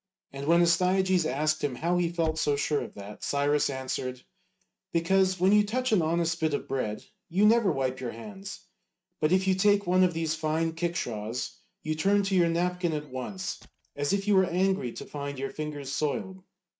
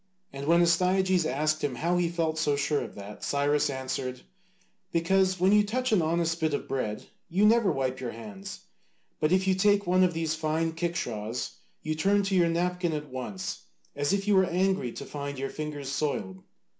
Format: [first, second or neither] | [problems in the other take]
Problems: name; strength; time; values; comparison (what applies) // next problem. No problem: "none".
second | noise reduction (neural mask model RNNoise)